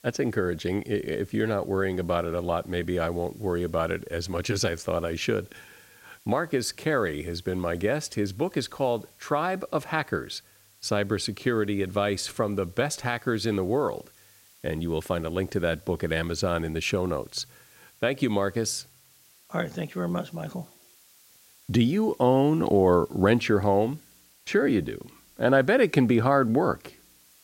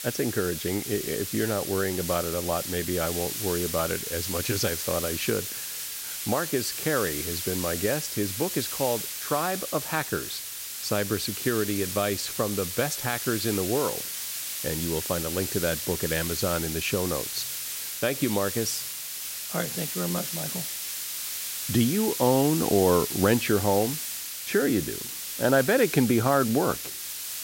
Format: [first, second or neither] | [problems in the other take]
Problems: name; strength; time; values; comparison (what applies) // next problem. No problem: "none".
first | hiss; loud; throughout; 3 dB below the speech; faint in the first